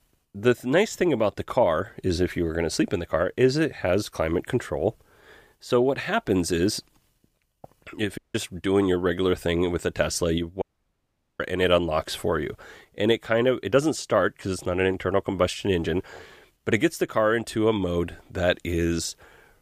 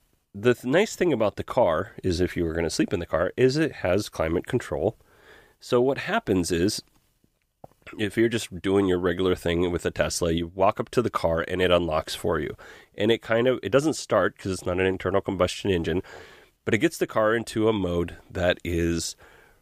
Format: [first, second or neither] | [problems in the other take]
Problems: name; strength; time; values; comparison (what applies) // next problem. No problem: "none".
second | audio cutting out; at 8 s and at 11 s for 1 s